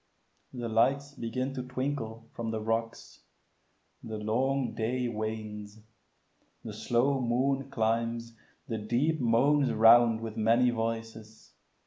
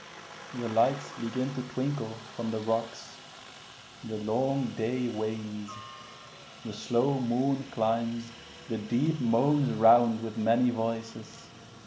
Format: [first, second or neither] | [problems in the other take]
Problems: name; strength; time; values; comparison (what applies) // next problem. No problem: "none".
first | background sound (Aircraft); 17 dB below the speech